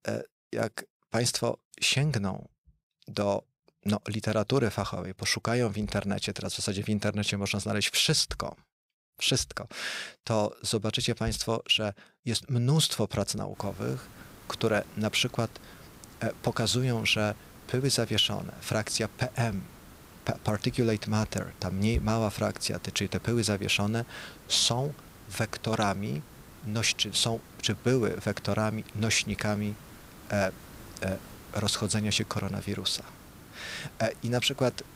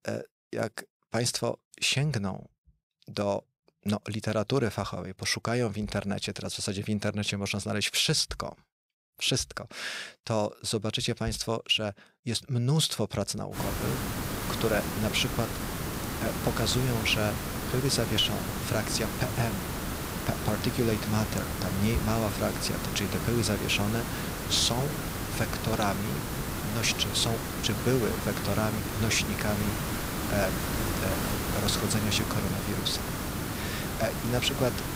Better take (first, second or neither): first